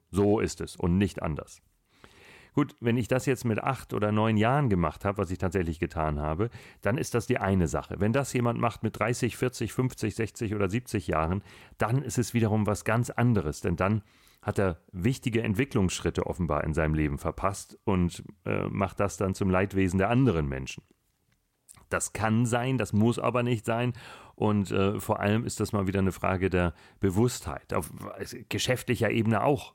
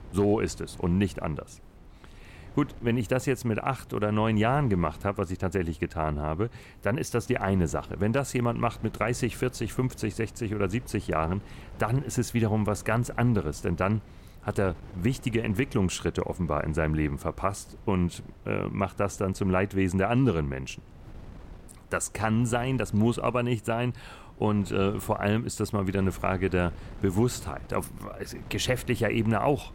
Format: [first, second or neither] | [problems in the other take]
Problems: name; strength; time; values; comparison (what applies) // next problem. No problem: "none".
first | wind noise on the microphone; occasional gusts; 25 dB below the speech